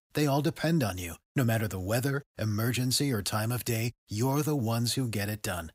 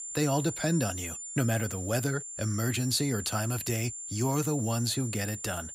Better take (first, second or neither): first